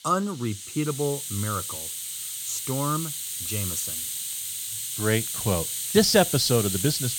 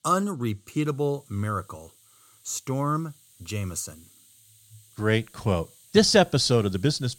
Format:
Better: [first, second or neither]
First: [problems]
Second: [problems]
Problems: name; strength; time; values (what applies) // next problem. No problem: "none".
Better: second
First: hiss; loud; throughout; 3 dB below the speech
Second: hiss; faint; throughout; 30 dB below the speech